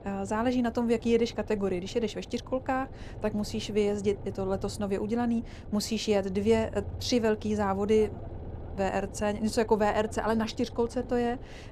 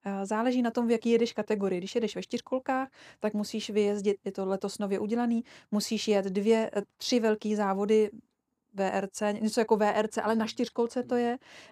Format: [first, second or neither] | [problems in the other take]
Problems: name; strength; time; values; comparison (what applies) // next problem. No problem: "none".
second | low rumble; noticeable; throughout; 20 dB below the speech